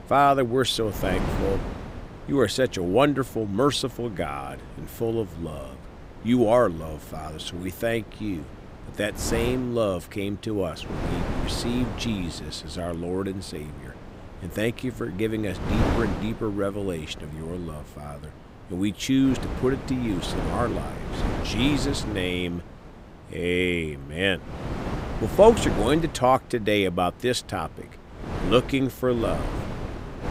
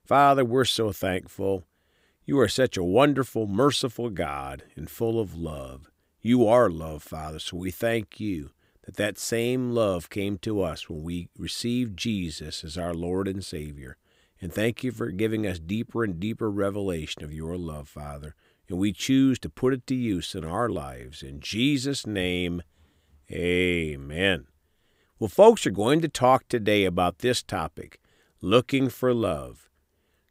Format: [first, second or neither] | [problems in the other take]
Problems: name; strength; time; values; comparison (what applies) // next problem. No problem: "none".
second | wind noise on the microphone; occasional gusts; 10 dB below the speech